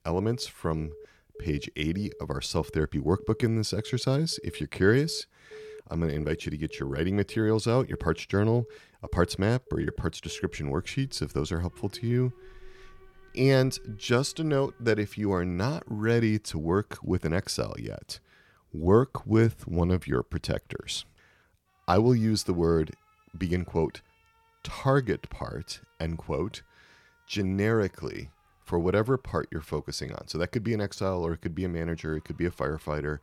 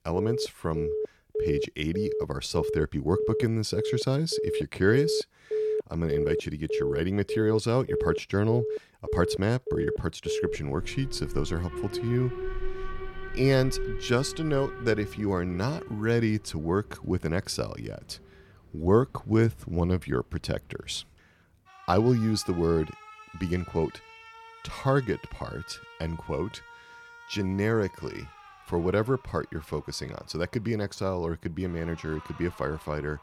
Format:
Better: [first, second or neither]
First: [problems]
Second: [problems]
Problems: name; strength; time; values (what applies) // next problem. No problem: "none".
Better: first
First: alarms or sirens; faint; throughout; 20 dB below the speech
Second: alarms or sirens; loud; throughout; 5 dB below the speech